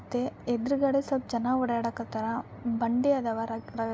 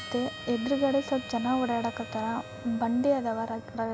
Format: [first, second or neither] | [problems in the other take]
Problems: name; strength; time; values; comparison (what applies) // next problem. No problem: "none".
first | background sound (Harmonica); 14 dB below the speech